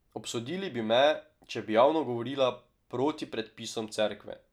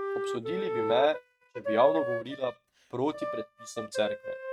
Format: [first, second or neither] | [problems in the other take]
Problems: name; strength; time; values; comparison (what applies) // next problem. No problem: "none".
first | noise reduction (neural mask model RNNoise)